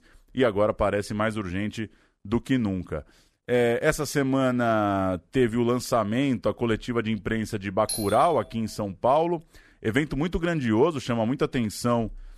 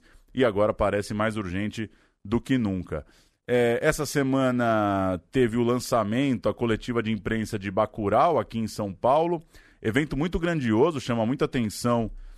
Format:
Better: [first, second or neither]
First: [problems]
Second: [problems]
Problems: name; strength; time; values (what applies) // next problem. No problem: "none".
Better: second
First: doorbell; noticeable; at 8 s; peak 6 dB below the speech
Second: none